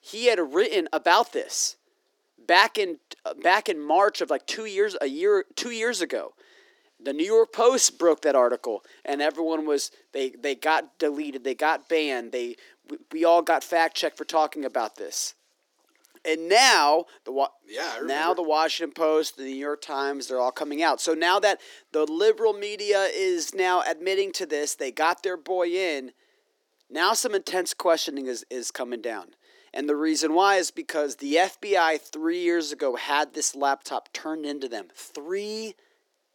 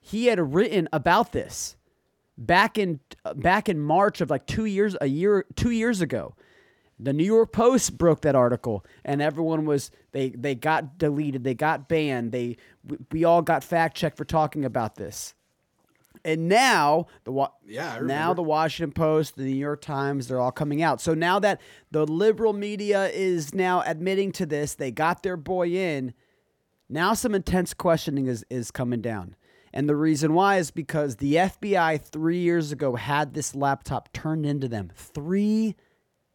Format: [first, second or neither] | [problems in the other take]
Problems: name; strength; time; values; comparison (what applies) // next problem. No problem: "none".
second | thin; somewhat; fading below 300 Hz